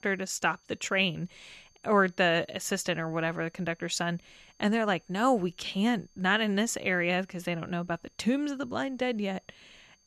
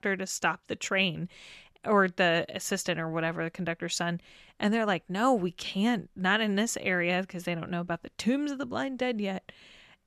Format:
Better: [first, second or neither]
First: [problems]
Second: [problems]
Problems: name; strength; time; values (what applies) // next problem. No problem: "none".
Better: second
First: high-pitched whine; faint; throughout; 6.5 kHz, 35 dB below the speech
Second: none